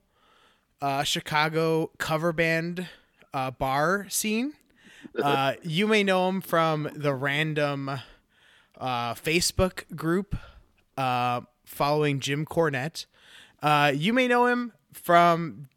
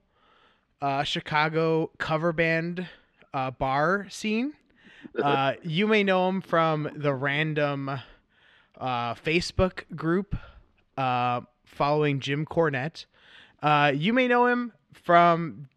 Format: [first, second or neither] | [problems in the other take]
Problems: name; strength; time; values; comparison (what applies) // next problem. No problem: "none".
first | muffled; very slightly; fading above 3.5 kHz